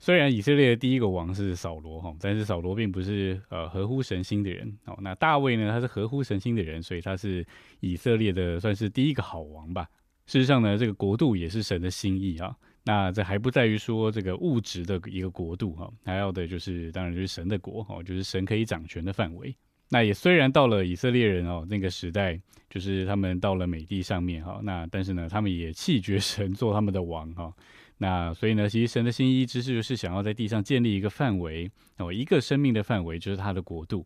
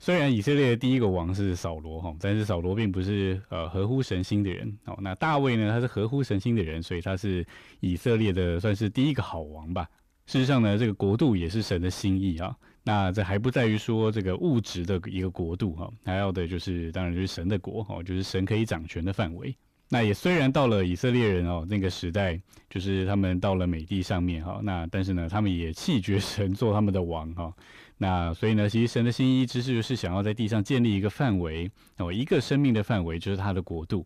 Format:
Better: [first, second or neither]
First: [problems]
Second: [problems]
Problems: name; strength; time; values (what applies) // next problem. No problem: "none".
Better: first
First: none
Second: distortion; slight; 10 dB below the speech